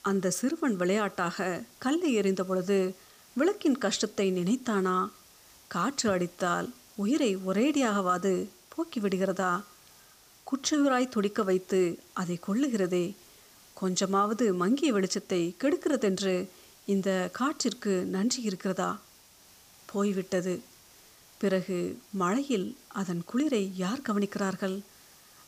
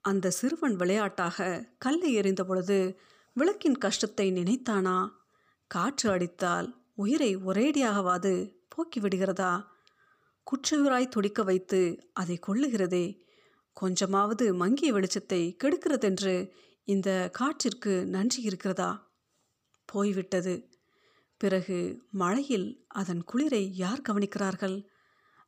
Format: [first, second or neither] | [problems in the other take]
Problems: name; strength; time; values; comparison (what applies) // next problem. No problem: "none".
second | hiss; faint; throughout; 25 dB below the speech